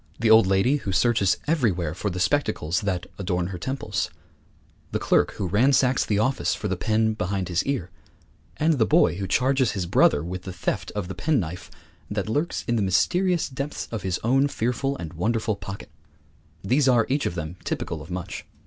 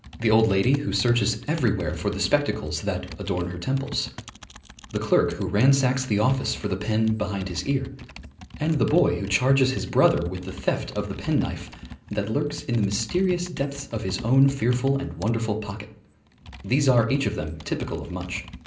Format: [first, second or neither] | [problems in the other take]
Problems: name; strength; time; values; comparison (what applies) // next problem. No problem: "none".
first | background sound (Computer keyboard); 17 dB below the speech // room echo; dies away in 0.5 s